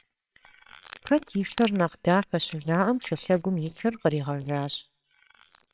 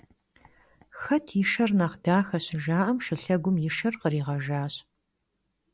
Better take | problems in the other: second | noise reduction (neural separator model SepFormer WHAMR!)

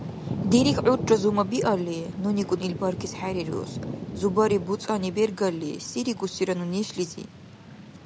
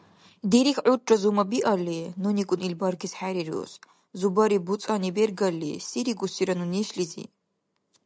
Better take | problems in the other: second | background sound (Thunder / Rain); 9 dB below the speech

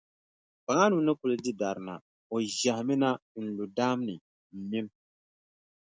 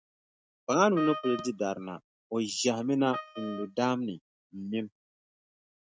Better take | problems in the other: first | noise reduction (neural mask model RNNoise)

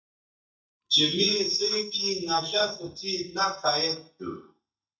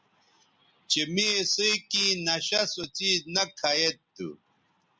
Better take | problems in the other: second | noise reduction (neural mask model DeepFilterNet 3)

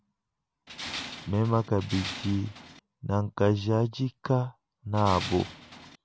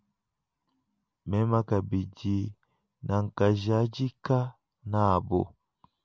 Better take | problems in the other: second | background sound (Tools); 11 dB below the speech

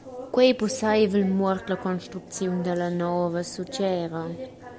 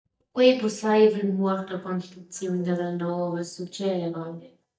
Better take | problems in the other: first | noise reduction (neural mask model DeepFilterNet 3)

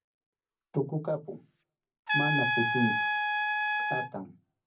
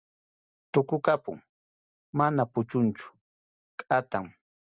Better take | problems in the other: second | background sound (Trumpet); 3 dB above the speech // room echo; dies away in 0.4 s

